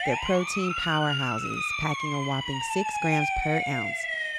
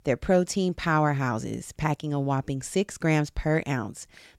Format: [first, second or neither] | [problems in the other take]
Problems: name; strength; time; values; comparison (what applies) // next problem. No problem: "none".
second | siren; loud; peak 3 dB above the speech